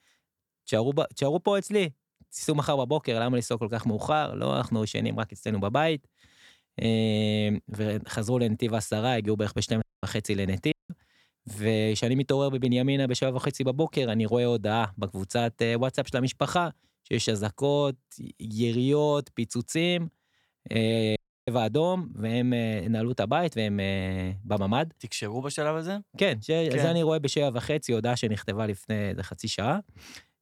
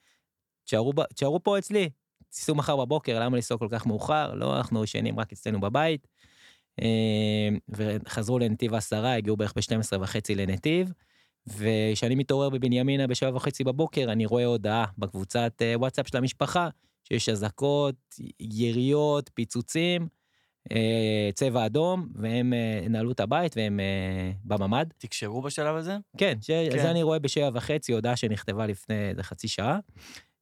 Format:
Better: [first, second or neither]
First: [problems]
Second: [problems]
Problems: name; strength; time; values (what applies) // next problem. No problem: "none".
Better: second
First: audio cutting out; at 10 s, at 11 s and at 21 s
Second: none